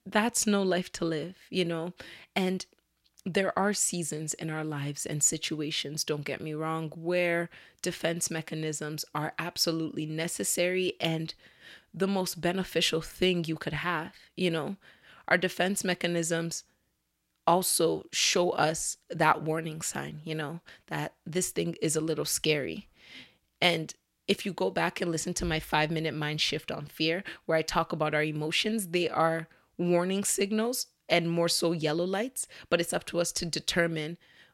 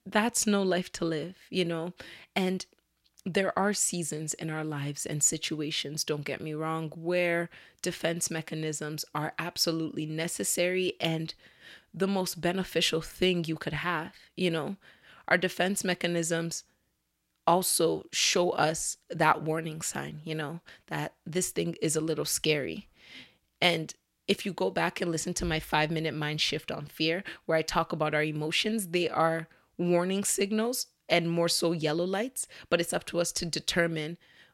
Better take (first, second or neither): neither